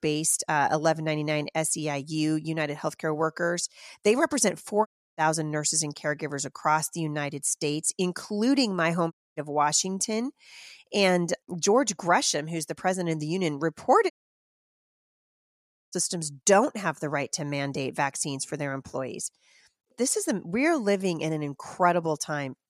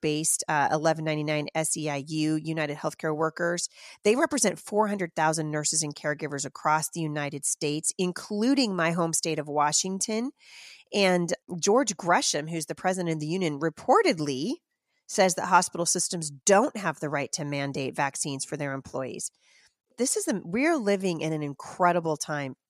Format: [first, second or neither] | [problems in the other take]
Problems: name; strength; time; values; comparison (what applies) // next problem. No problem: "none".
second | audio cutting out; at 5 s, at 9 s and at 14 s for 2 s